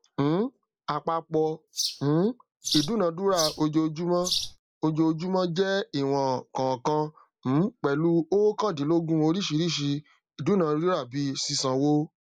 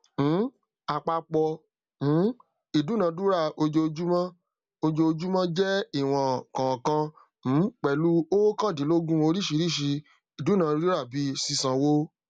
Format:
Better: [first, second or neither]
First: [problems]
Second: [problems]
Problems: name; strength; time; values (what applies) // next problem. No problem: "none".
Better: second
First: noise reduction (neural mask model Resemble Enhance denoiser)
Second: none